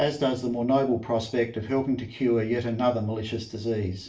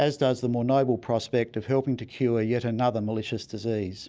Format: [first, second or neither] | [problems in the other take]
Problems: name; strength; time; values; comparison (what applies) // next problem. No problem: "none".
second | room echo; dies away in 0.4 s